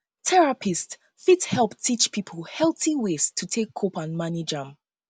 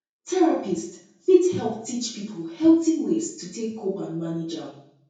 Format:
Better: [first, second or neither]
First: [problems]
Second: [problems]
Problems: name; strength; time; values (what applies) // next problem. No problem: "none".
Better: first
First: none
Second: room echo; dies away in 0.6 s